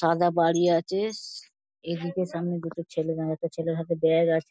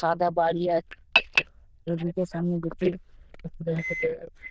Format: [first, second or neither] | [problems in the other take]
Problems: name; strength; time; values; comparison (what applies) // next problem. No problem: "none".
first | noise reduction (neural diffusion model UNIVERSE++)